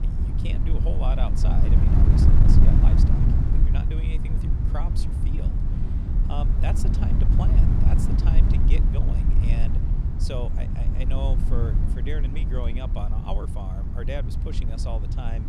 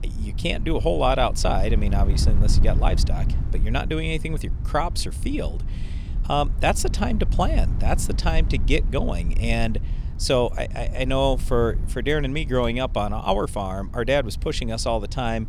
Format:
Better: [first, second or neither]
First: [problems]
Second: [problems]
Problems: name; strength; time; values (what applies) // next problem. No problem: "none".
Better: second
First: wind noise on the microphone; heavy; 1 dB above the speech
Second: wind noise on the microphone; occasional gusts; 20 dB below the speech